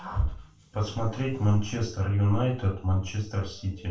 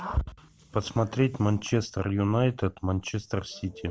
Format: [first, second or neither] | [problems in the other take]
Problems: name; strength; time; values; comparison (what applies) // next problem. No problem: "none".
second | room echo; dies away in 0.3 s